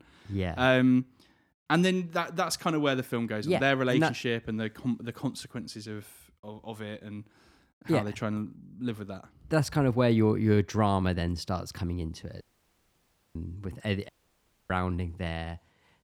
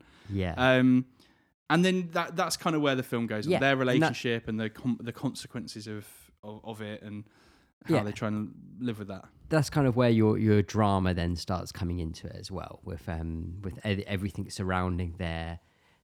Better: second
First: audio cutting out; at 12 s for 1 s and at 14 s for 0.5 s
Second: none

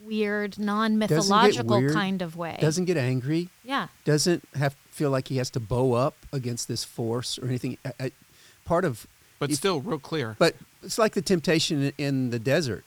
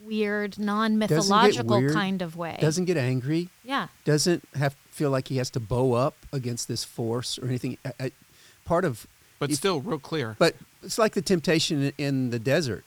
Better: neither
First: hiss; faint; throughout; 30 dB below the speech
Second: hiss; faint; throughout; 30 dB below the speech

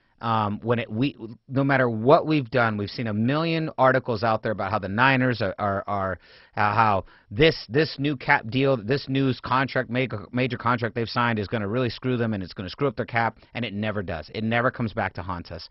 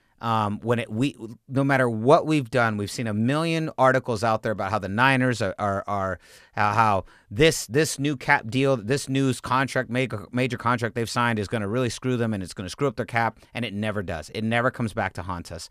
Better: second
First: garbled, watery; badly; nothing above 5.5 kHz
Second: none

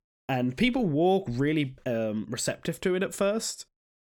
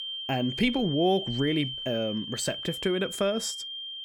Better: first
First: none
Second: high-pitched whine; loud; throughout; 3 kHz, 6 dB below the speech

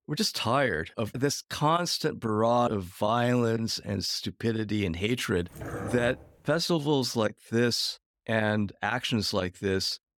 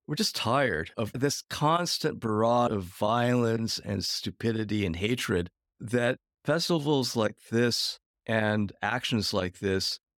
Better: second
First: dog barking; noticeable; at 5.5 s; peak 8 dB below the speech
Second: none

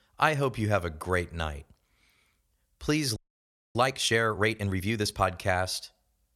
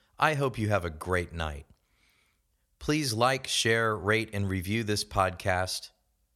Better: second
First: audio freezing; at 3 s for 0.5 s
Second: none

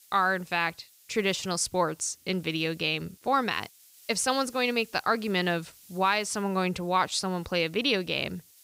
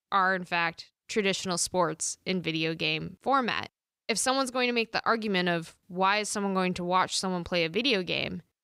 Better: second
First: hiss; faint; throughout; 25 dB below the speech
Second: none

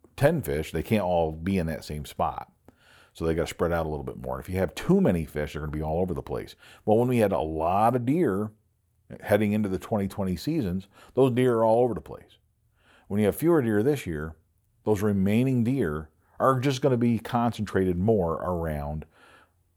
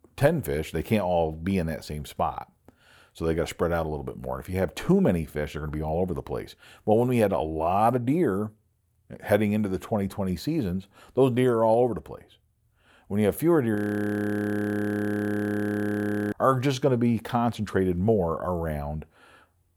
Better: first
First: none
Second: audio freezing; at 14 s for 2.5 s

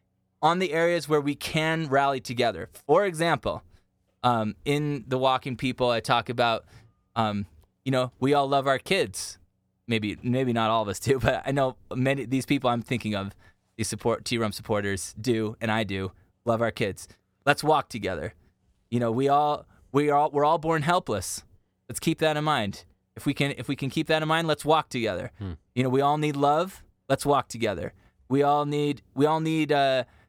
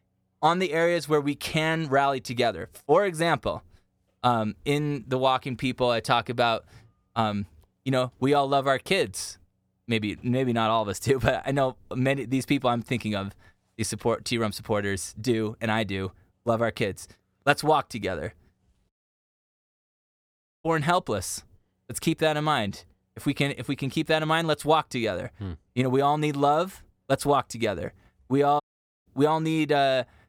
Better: first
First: none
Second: audio cutting out; at 19 s for 1.5 s and at 29 s

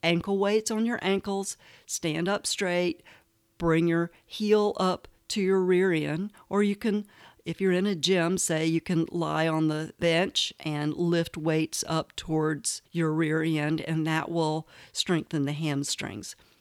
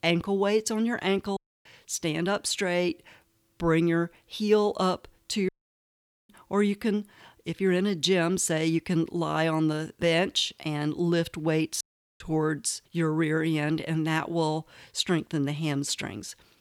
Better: first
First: none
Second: audio cutting out; at 1.5 s, at 5.5 s for 1 s and at 12 s

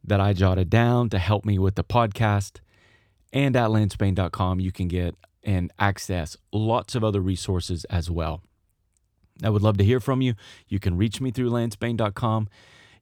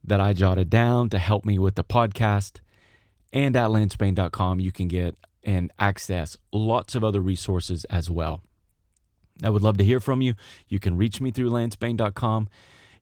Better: first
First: none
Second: garbled, watery; slightly; nothing above 19 kHz

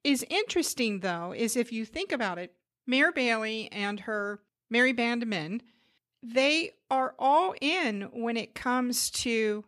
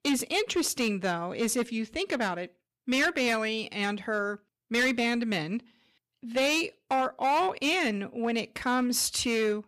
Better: first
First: none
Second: distortion; slight; 9% of the sound clipped

